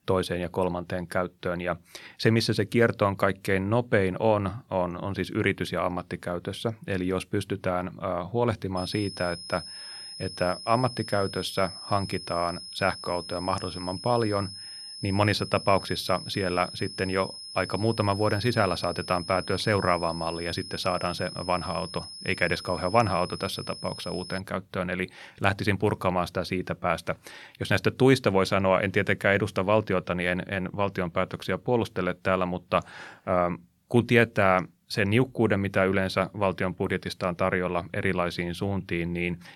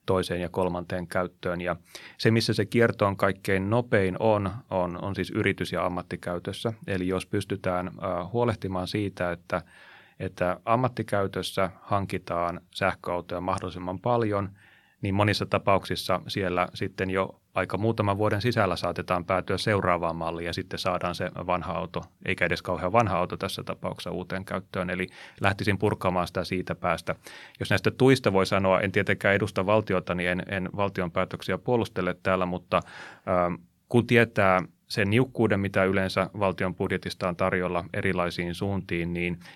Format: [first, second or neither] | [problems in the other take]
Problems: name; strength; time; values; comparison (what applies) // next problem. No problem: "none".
second | high-pitched whine; noticeable; from 9 to 24 s; 5 kHz, 10 dB below the speech